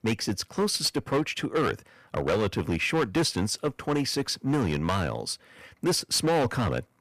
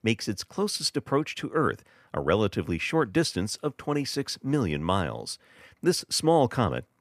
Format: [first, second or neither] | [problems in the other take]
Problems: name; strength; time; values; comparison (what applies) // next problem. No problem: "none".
second | distortion; heavy; 9% of the sound clipped